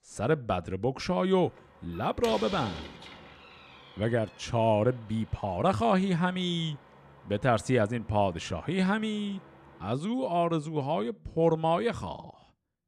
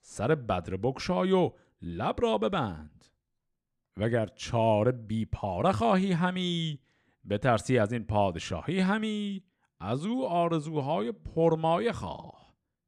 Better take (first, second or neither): second